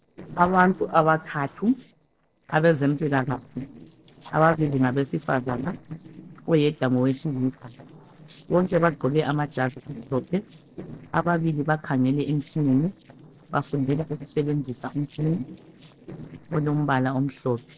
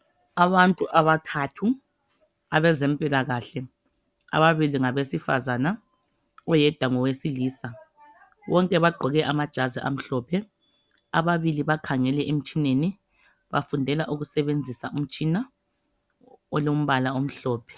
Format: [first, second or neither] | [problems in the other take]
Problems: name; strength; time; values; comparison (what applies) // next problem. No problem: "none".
second | noise reduction (neural separator model SepFormer DNS4)